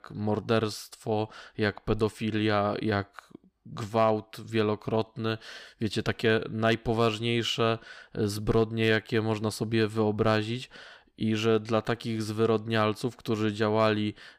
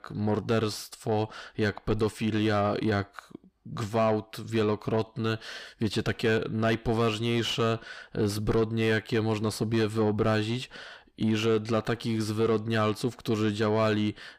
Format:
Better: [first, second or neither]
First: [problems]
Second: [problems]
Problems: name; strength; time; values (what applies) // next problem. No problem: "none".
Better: first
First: none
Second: distortion; slight; 10 dB below the speech